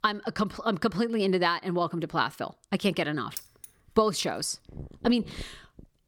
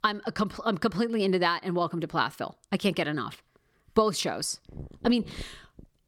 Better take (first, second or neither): second